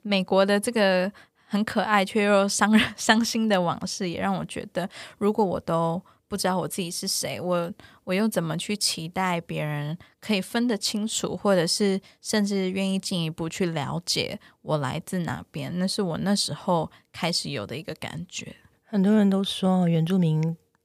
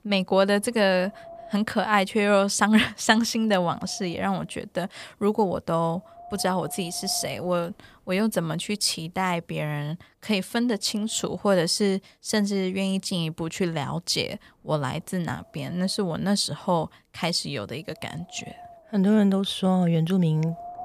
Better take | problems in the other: first | wind noise on the microphone; occasional gusts; 20 dB below the speech

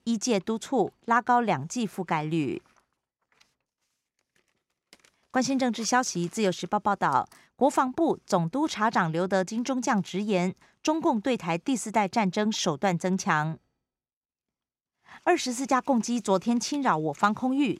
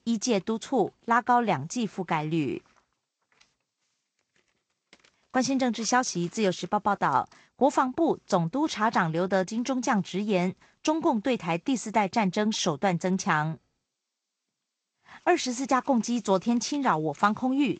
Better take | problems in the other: first | garbled, watery; slightly; nothing above 7.5 kHz

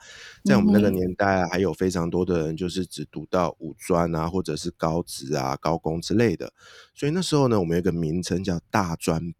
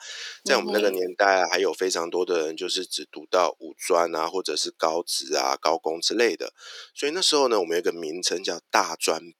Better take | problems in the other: first | thin; very; fading below 350 Hz

